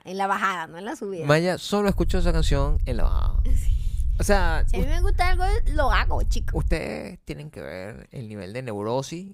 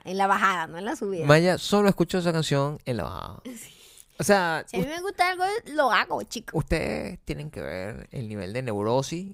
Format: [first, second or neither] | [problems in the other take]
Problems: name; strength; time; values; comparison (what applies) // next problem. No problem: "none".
second | low rumble; faint; from 2 to 6.5 s; 20 dB below the speech